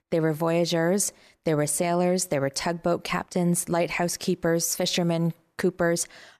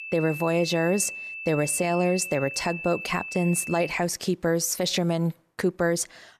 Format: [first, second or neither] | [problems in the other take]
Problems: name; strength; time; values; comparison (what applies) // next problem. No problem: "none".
first | high-pitched whine; loud; until 4 s; 2.5 kHz, 8 dB below the speech